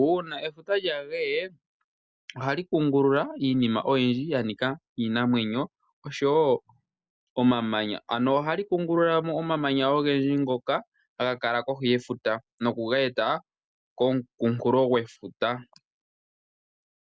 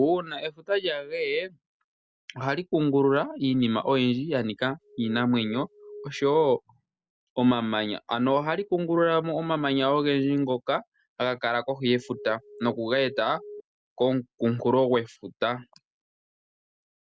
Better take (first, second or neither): first